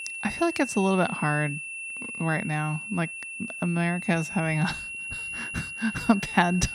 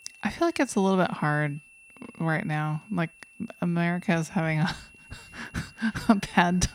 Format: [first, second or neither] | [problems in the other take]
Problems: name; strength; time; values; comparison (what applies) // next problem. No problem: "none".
second | high-pitched whine; loud; throughout; 2.5 kHz, 7 dB below the speech; faint in the second